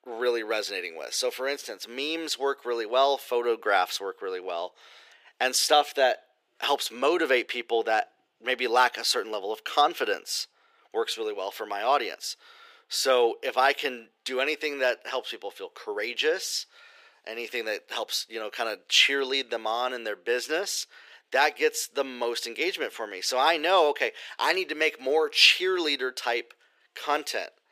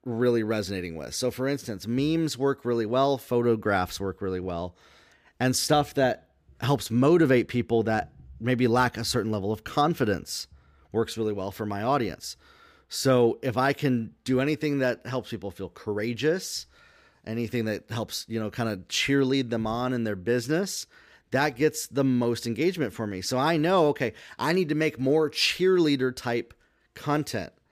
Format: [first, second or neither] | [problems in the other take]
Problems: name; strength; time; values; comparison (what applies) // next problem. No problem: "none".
second | thin; very; fading below 450 Hz